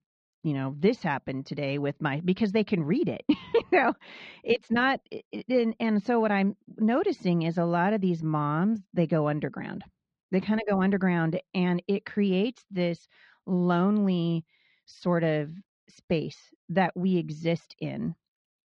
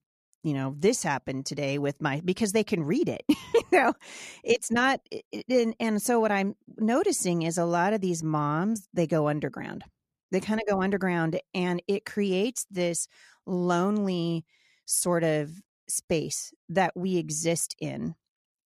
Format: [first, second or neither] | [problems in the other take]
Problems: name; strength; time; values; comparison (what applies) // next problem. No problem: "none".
second | muffled; slightly; fading above 4 kHz